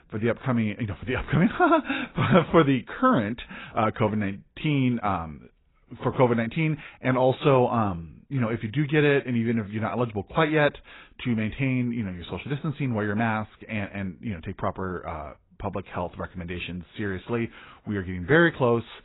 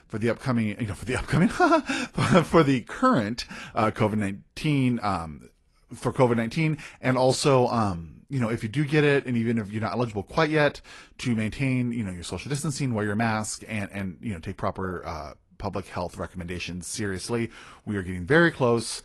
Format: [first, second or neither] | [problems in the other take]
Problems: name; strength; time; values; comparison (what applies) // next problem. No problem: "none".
second | garbled, watery; badly; nothing above 4 kHz; slightly in the second